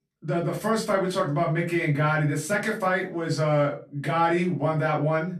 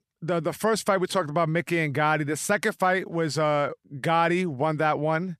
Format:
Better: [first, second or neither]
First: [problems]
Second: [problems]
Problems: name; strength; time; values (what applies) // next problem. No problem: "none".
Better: second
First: off-mic speech; far // room echo; slight; dies away in 0.3 s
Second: none